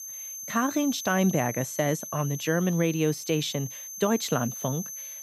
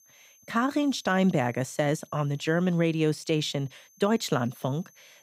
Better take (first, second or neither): second